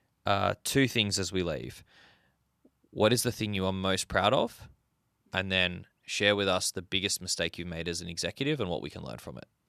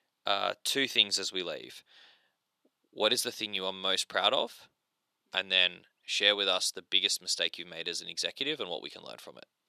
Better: first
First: none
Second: thin; somewhat; fading below 350 Hz

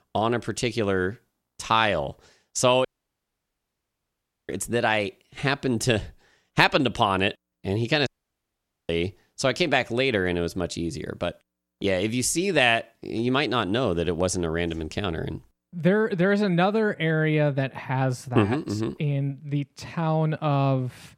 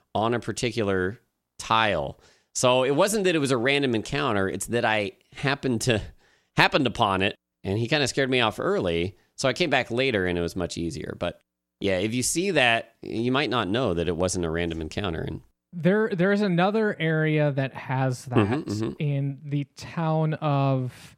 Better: second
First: audio cutting out; at 3 s for 1.5 s and at 8 s for 1 s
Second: none

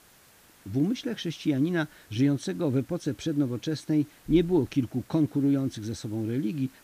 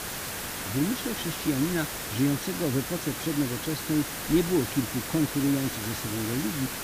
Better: first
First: hiss; faint; throughout; 25 dB below the speech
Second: hiss; loud; throughout; 4 dB below the speech

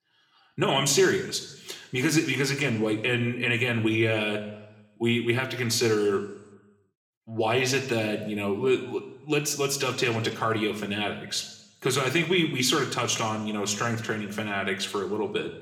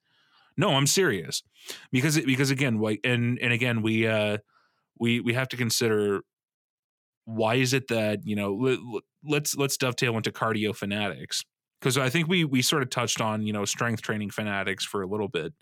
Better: second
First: room echo; very slight; dies away in 0.8 s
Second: none

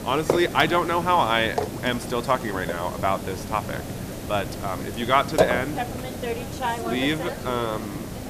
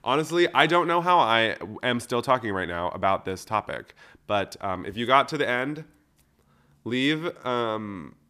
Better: second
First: hiss; loud; throughout; 5 dB below the speech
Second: none

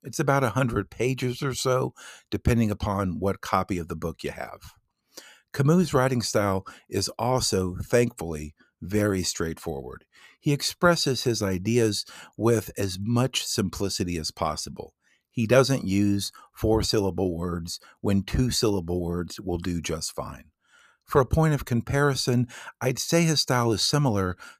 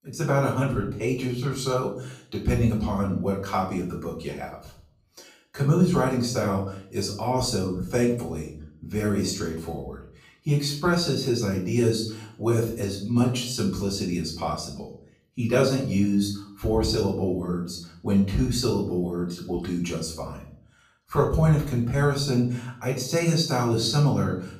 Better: first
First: none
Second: off-mic speech; far // room echo; slight; dies away in 0.5 s

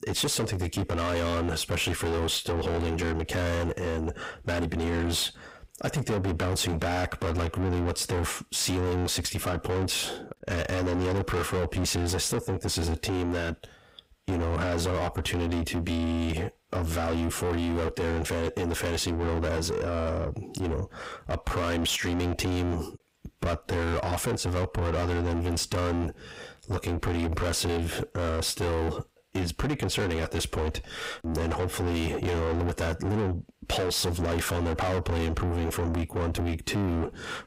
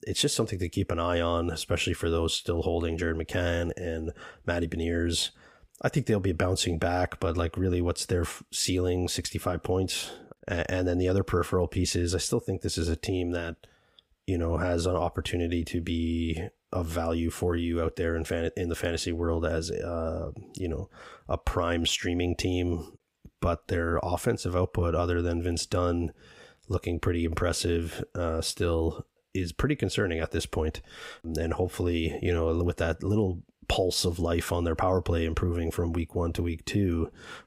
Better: second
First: distortion; heavy; 7 dB below the speech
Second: none

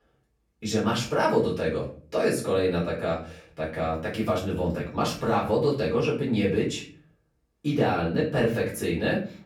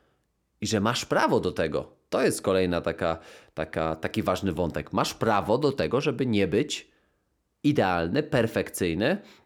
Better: second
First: room echo; slight; dies away in 0.4 s // off-mic speech; far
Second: none

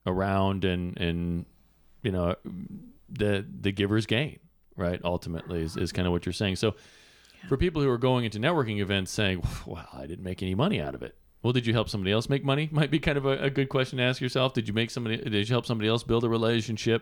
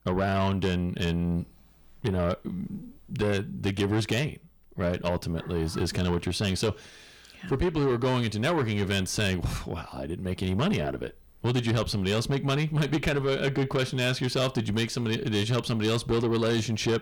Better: first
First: none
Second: distortion; heavy; 8 dB below the speech

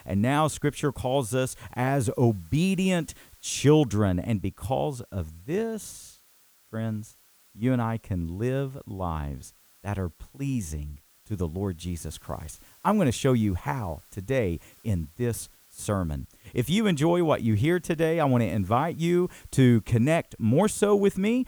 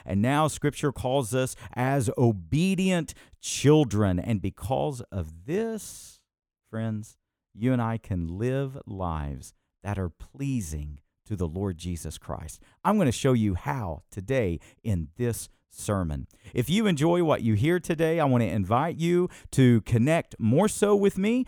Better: second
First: hiss; faint; throughout; 30 dB below the speech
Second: none

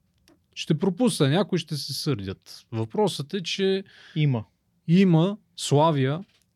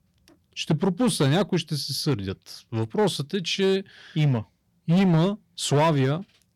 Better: first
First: none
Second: distortion; slight; 7% of the sound clipped

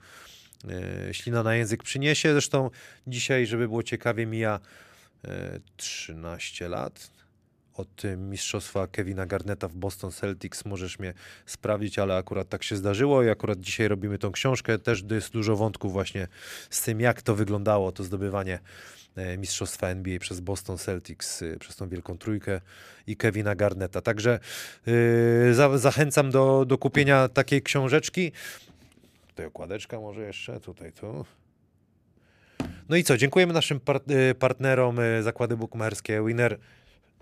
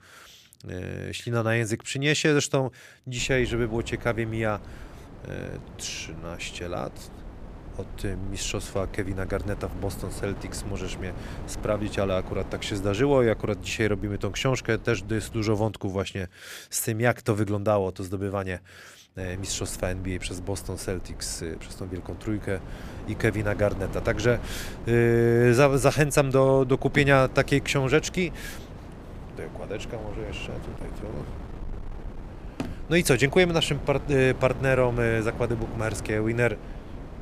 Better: first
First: none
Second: wind noise on the microphone; occasional gusts; from 3 to 16 s and from 19 s on; 20 dB below the speech

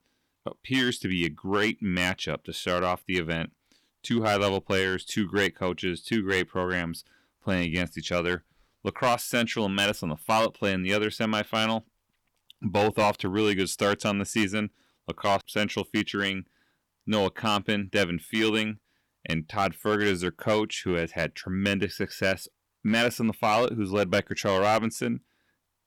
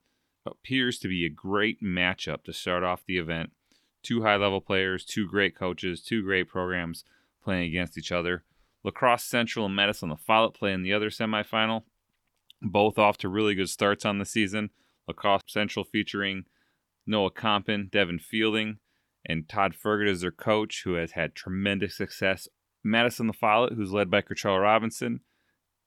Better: second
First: distortion; slight; 3% of the sound clipped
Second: none

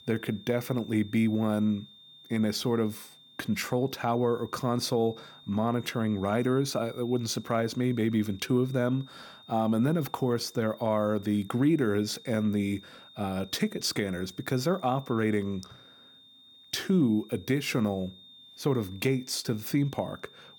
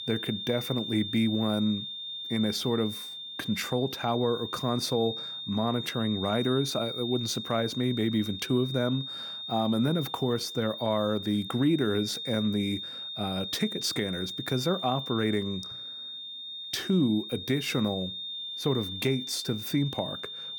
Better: first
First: high-pitched whine; faint; throughout; 3.5 kHz, 20 dB below the speech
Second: high-pitched whine; loud; throughout; 3.5 kHz, 6 dB below the speech

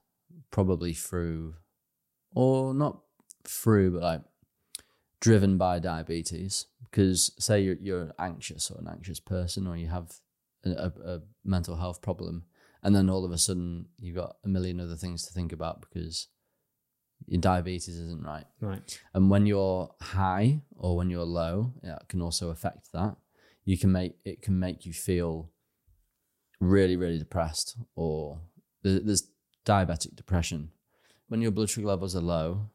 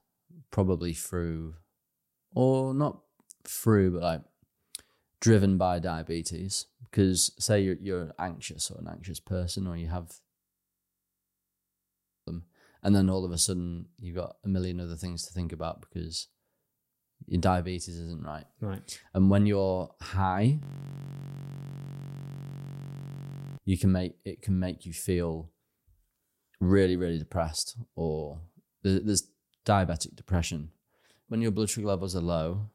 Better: first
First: none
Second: audio freezing; at 10 s for 2 s and at 21 s for 3 s

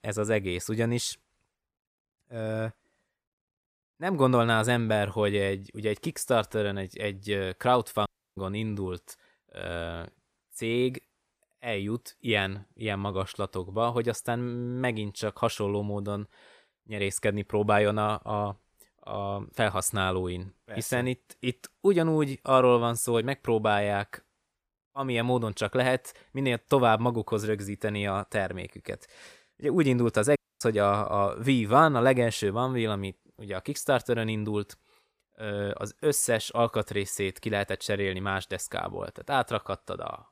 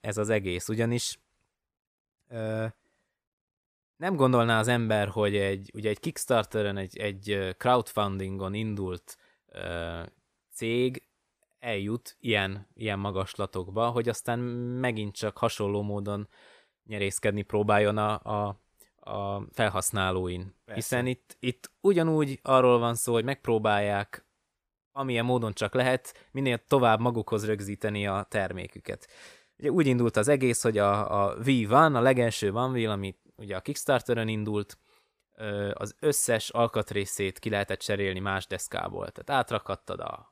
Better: second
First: audio cutting out; at 8 s and at 30 s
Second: none

